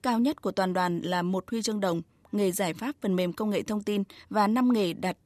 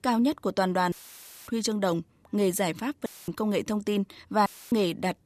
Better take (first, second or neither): first